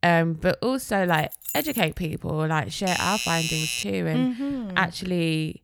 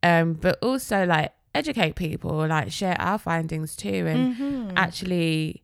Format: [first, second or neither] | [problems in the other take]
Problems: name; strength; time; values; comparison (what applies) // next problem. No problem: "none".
second | jangling keys; noticeable; at 1 s; peak 4 dB below the speech // doorbell; noticeable; from 3 to 4 s; peak level with the speech